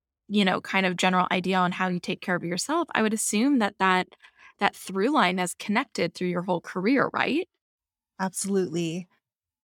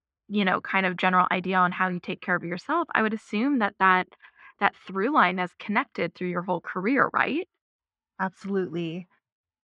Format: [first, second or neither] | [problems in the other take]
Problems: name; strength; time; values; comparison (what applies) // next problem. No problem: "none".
first | muffled; very; fading above 3 kHz